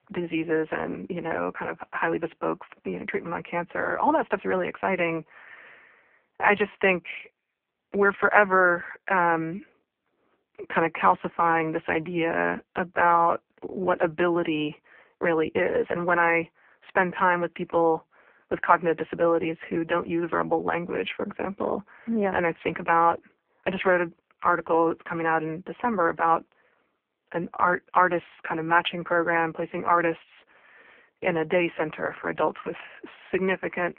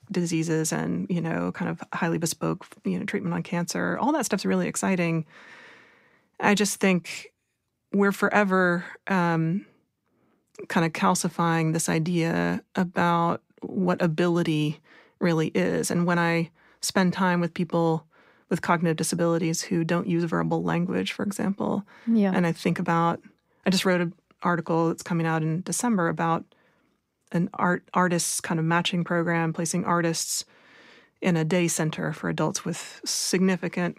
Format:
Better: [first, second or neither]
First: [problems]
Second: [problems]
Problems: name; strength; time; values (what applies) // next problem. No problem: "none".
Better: second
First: phone-call audio; poor line; nothing above 3.5 kHz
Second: none